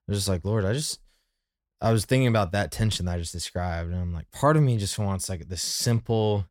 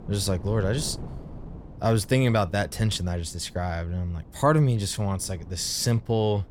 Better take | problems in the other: first | wind noise on the microphone; occasional gusts; 20 dB below the speech

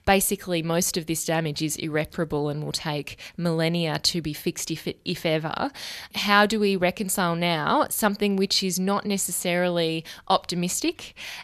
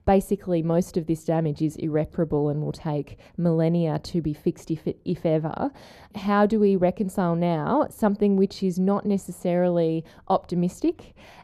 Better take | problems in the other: first | muffled; very; fading above 1.5 kHz

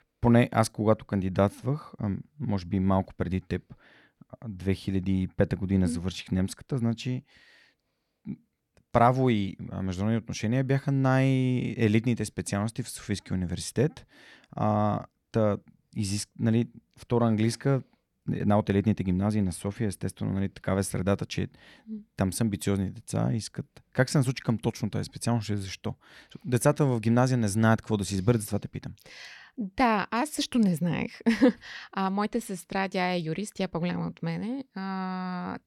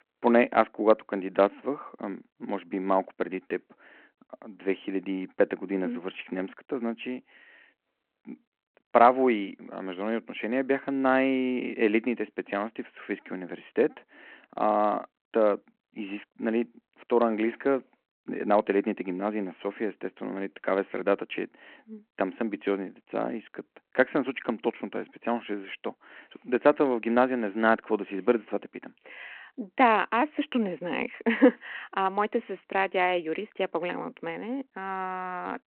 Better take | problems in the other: first | phone-call audio

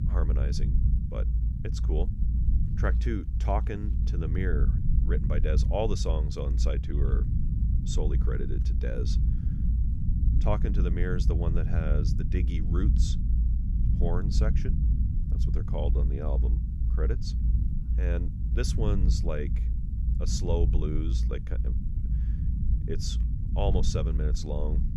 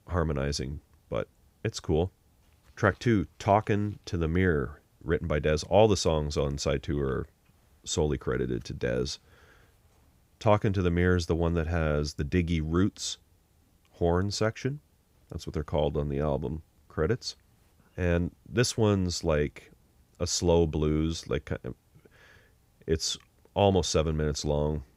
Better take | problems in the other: second | low rumble; loud; throughout; 7 dB below the speech

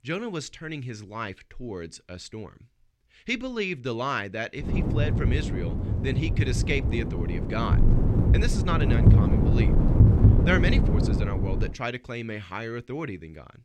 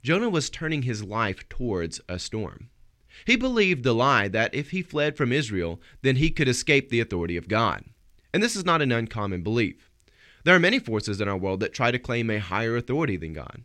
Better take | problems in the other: second | wind noise on the microphone; heavy; from 4.5 to 12 s; 2 dB below the speech

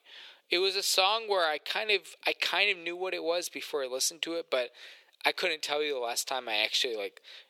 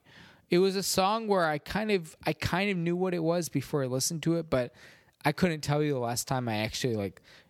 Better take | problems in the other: second | thin; very; fading below 450 Hz

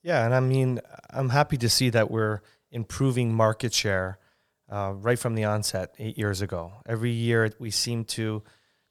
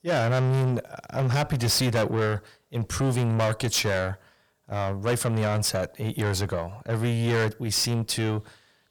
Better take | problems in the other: first | distortion; heavy; 7 dB below the speech

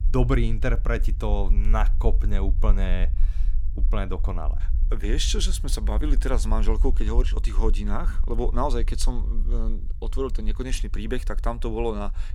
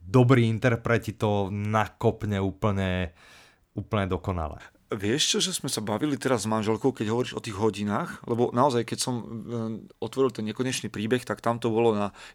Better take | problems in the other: second | low rumble; noticeable; throughout; 20 dB below the speech

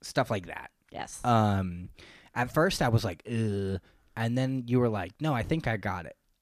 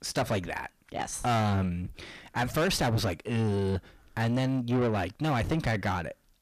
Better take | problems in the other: first | distortion; heavy; 7 dB below the speech

